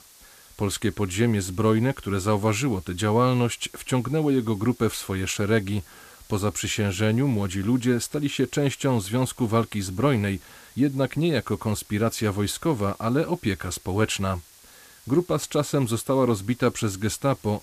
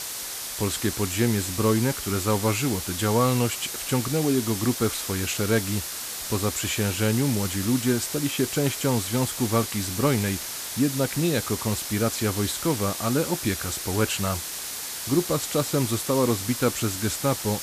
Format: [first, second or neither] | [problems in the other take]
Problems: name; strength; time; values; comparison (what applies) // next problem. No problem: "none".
first | hiss; loud; throughout; 5 dB below the speech; faint in the first